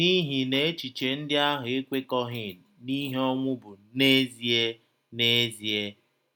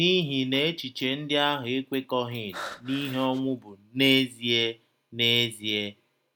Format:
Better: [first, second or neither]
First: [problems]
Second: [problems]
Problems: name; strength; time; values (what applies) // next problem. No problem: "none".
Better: first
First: none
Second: background sound (Breathing); 14 dB below the speech